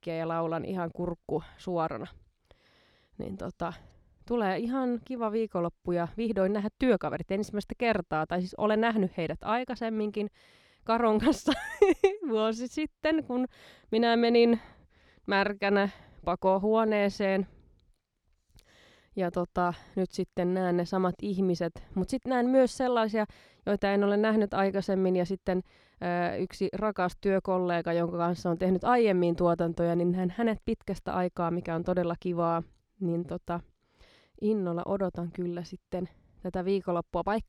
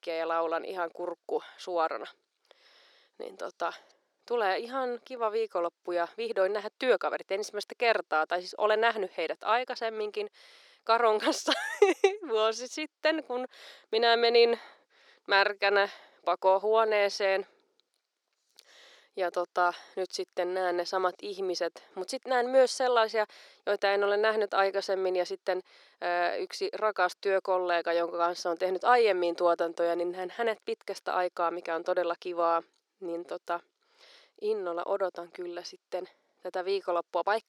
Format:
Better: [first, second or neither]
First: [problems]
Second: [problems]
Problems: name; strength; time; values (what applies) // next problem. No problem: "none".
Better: first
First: none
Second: thin; very; fading below 400 Hz